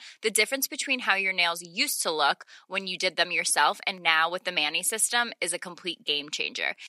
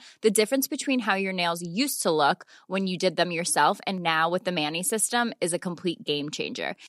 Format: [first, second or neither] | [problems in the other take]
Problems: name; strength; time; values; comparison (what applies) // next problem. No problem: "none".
second | thin; somewhat; fading below 900 Hz